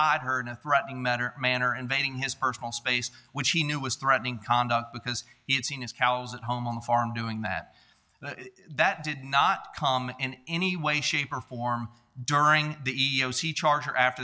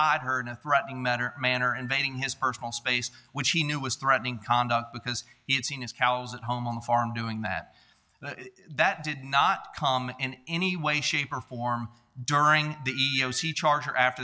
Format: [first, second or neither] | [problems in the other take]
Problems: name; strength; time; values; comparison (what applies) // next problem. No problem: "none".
first | background sound (Telephone); 20 dB below the speech